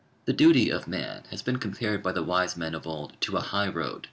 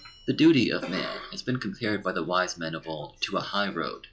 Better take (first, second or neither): first